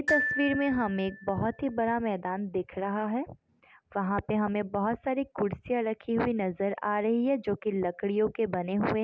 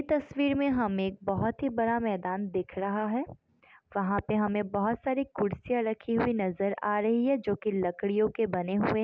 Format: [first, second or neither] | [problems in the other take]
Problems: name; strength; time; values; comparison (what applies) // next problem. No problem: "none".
second | background sound (Glockenspiel); 5 dB below the speech